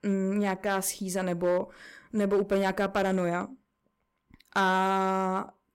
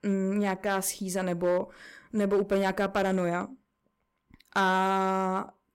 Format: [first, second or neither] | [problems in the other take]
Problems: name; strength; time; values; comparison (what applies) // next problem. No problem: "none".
neither | distortion; slight; 5% of the sound clipped; the same in both